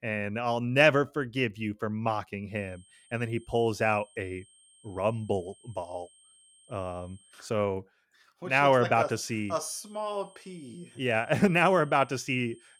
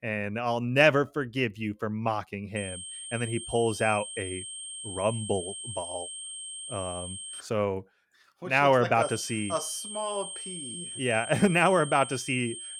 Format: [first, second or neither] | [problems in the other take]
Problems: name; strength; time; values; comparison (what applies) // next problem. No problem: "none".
first | high-pitched whine; loud; from 2.5 to 7.5 s and from 9 s on; 8.5 kHz, 9 dB below the speech; faint in the first